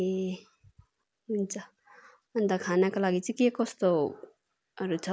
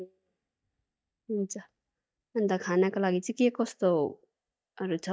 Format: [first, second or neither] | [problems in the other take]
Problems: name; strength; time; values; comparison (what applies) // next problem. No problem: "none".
first | noise reduction (neural mask model DeepFilterNet 3)